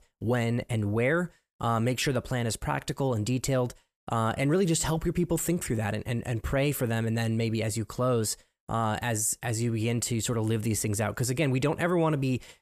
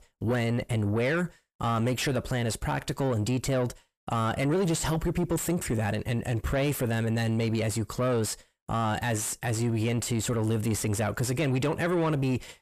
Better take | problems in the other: first | distortion; slight; 10 dB below the speech

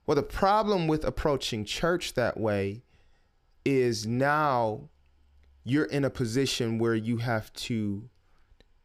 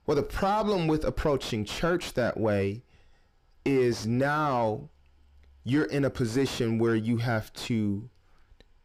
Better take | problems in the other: first | distortion; slight; 10 dB below the speech

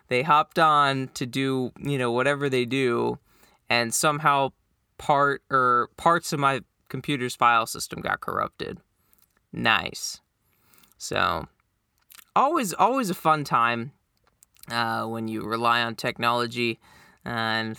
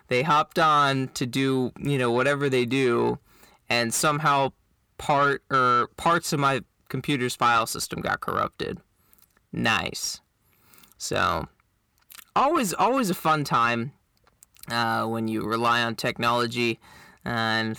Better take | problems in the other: first | distortion; slight; 10 dB below the speech

